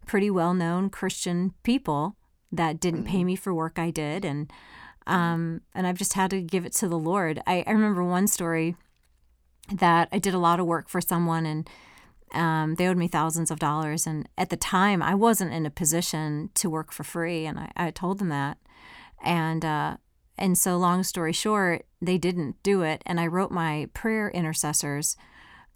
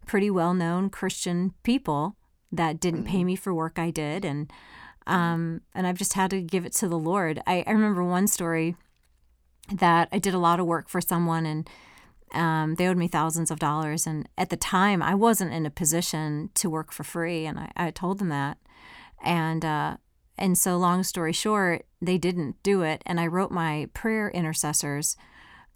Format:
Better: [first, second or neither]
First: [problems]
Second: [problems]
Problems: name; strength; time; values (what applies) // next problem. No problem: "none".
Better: neither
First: none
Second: none